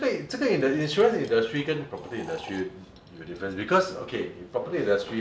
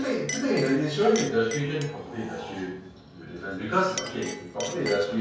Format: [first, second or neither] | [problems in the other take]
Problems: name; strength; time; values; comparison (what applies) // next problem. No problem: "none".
first | background sound (Chink, clink); 13 dB below the speech // room echo; dies away in 0.5 s